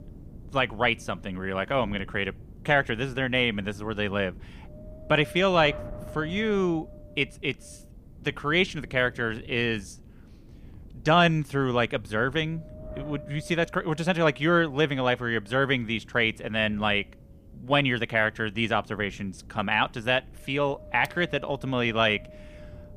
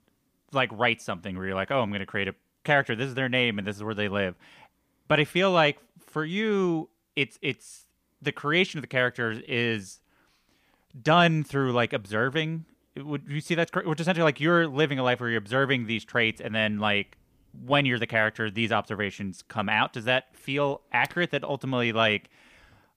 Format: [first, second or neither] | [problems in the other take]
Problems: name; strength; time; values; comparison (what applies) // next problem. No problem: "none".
second | wind noise on the microphone; occasional gusts; 25 dB below the speech